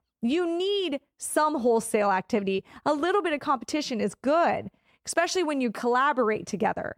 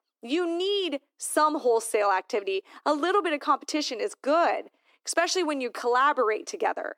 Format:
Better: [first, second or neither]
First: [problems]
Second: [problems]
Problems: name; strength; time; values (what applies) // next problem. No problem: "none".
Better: first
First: none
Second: thin; very slightly; fading below 300 Hz